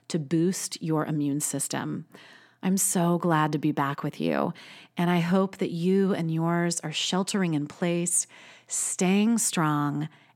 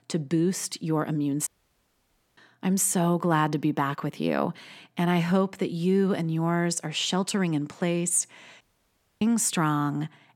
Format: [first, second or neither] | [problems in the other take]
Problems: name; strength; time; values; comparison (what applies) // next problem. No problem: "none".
first | audio cutting out; at 1.5 s for 1 s and at 8.5 s for 0.5 s